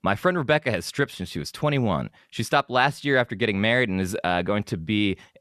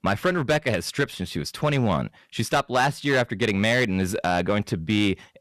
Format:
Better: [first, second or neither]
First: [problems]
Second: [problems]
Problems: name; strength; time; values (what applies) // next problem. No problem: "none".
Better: first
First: none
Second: distortion; slight; 8% of the sound clipped